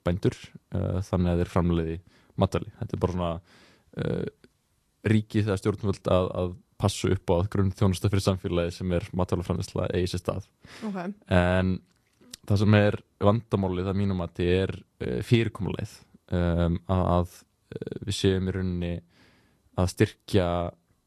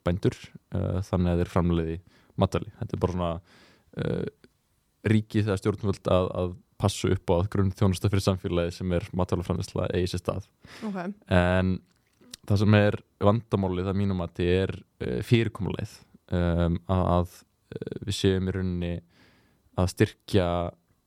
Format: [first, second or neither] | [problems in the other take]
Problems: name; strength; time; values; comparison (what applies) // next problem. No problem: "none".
second | garbled, watery; slightly; nothing above 12.5 kHz